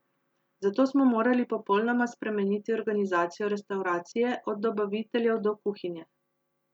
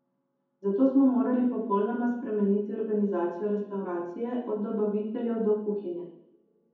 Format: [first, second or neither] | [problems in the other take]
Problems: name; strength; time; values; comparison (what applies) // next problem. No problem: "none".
first | room echo; dies away in 1.2 s